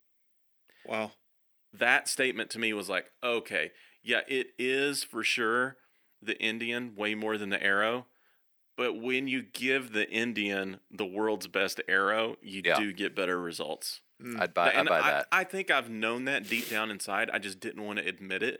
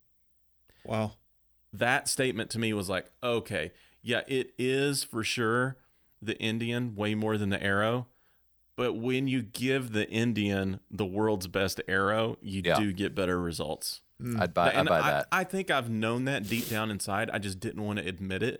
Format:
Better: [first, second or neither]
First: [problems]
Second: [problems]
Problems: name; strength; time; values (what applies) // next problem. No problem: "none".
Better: second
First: thin; very slightly; fading below 300 Hz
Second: none